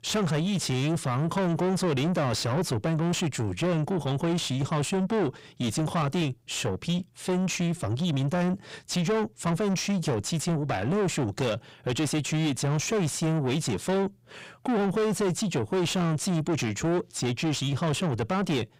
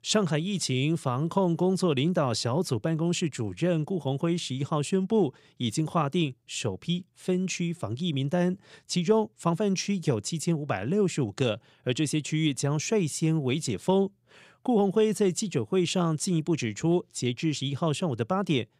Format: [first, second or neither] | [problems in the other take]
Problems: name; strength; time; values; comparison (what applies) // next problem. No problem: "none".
second | distortion; heavy; 7 dB below the speech